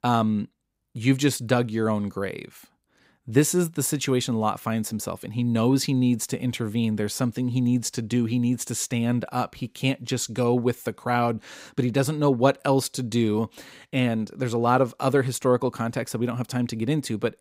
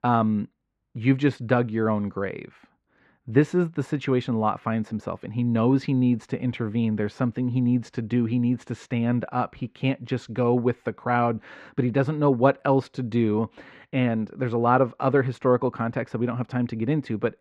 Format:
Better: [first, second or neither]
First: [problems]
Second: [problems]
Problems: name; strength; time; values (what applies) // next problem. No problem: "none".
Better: first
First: none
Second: muffled; very; fading above 2 kHz